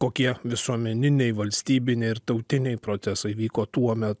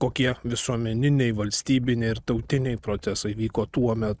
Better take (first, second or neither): first